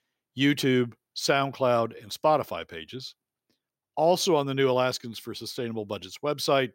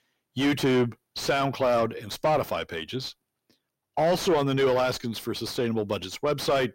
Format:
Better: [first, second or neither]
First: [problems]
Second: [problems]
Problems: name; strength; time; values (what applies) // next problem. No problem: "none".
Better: first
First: none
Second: distortion; heavy; 7 dB below the speech